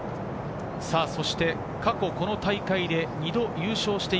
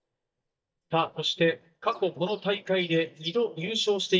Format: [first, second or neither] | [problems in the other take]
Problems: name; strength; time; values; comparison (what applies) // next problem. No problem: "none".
first | noise reduction (neural mask model DeepFilterNet 3)